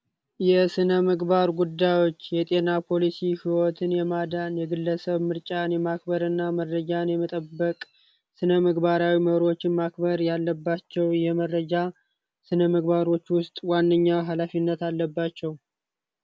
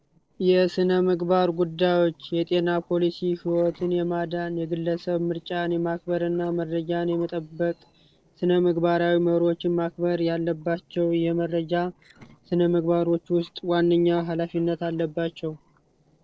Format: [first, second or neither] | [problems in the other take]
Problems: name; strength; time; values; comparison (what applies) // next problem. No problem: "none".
first | noise reduction (neural separator model SepFormer DNS4)